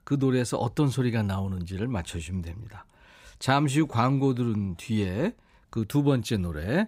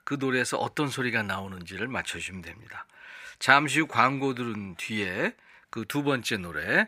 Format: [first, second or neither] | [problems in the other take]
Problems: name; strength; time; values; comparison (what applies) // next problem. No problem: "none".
first | thin; somewhat; fading below 500 Hz